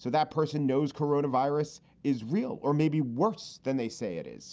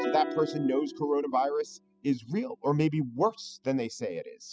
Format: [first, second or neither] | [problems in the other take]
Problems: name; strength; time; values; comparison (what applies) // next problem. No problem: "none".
first | noise reduction (classical method spectral subtraction)